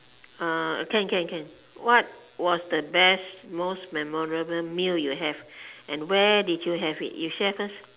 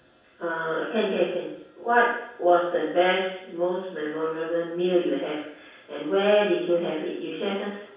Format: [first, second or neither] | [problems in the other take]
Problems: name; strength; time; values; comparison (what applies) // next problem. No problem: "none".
first | room echo; dies away in 0.7 s